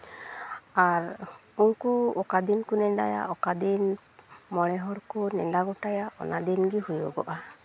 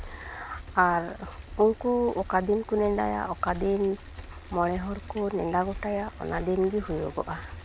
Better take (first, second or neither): first